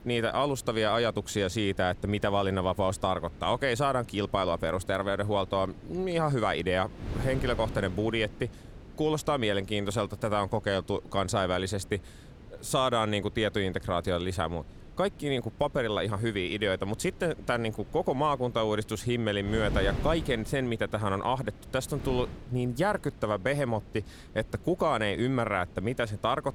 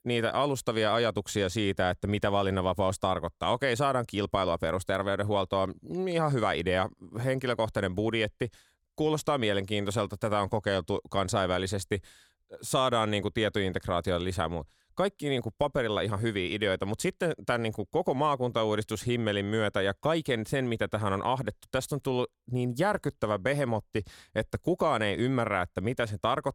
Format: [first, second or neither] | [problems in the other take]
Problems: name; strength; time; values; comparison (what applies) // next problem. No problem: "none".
second | wind noise on the microphone; occasional gusts; 20 dB below the speech